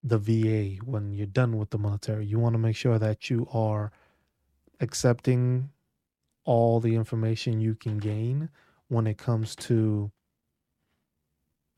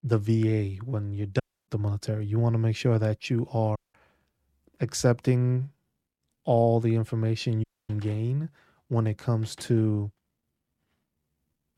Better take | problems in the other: first | audio cutting out; at 1.5 s, at 4 s and at 7.5 s

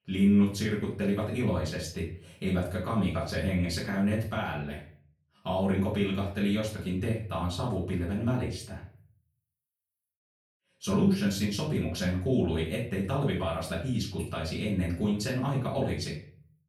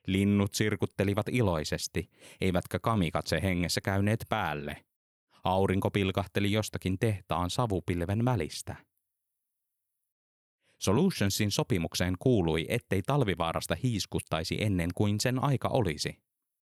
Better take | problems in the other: second | off-mic speech; far // room echo; slight; dies away in 0.4 s

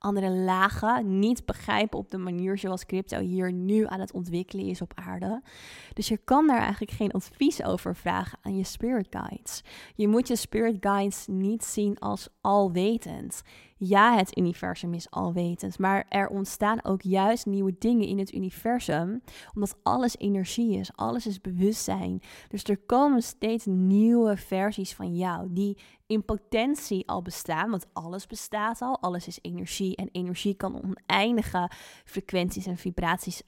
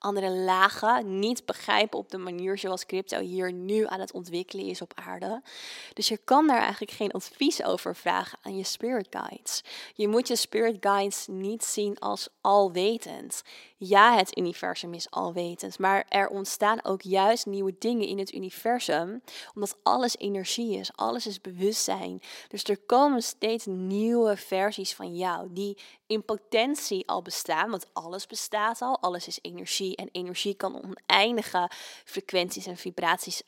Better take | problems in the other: first | thin; somewhat; fading below 400 Hz

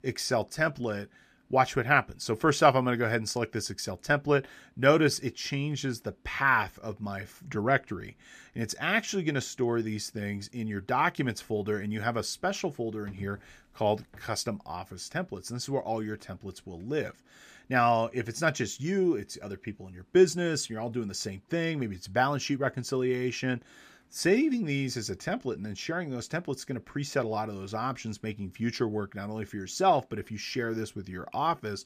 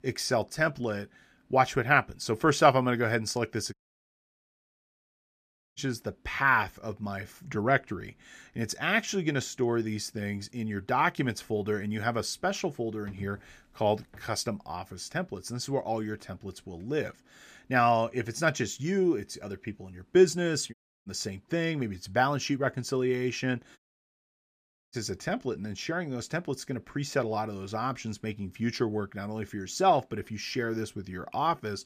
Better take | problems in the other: first | audio cutting out; at 3.5 s for 2 s, at 21 s and at 24 s for 1 s

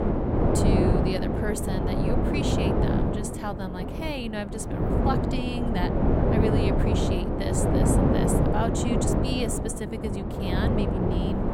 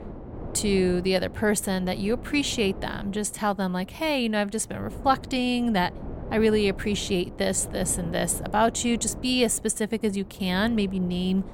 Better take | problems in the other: second | wind noise on the microphone; heavy; 4 dB above the speech; occasional gusts in the second

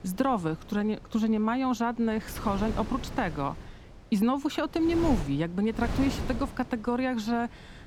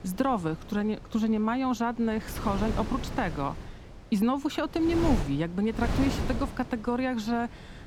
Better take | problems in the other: first | wind noise on the microphone; heavy; 9 dB below the speech; occasional gusts in the first

